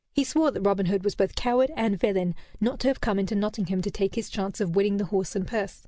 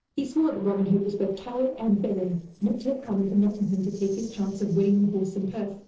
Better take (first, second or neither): first